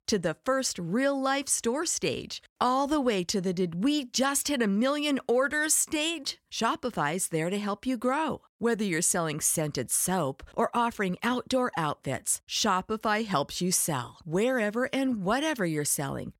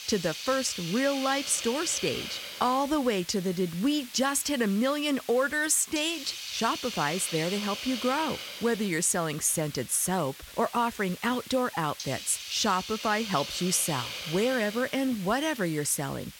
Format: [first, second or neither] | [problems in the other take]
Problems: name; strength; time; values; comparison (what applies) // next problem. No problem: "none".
first | hiss; loud; throughout; 9 dB below the speech